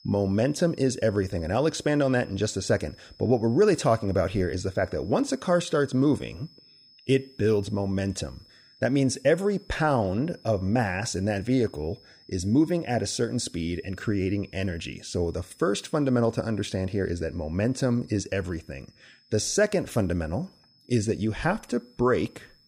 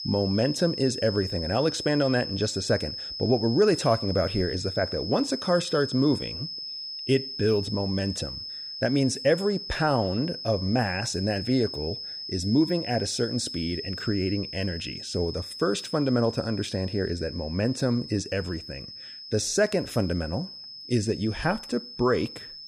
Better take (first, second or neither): first